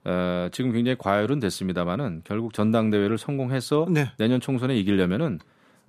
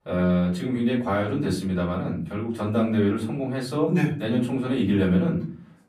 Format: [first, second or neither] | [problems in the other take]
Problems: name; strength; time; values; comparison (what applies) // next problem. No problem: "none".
first | off-mic speech; far // room echo; slight; dies away in 0.5 s